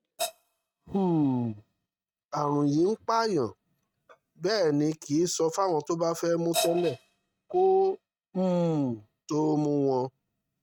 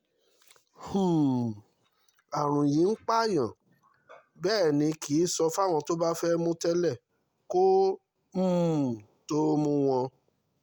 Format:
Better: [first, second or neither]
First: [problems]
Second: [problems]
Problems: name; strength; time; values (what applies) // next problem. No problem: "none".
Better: second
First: noise reduction (neural mask model RNNoise)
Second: none